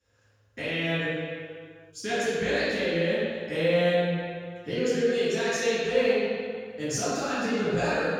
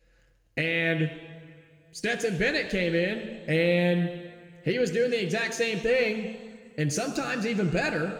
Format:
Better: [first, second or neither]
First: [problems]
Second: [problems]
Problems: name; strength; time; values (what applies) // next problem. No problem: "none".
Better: second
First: room echo; strong; dies away in 1.8 s // off-mic speech; far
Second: room echo; slight; dies away in 2 s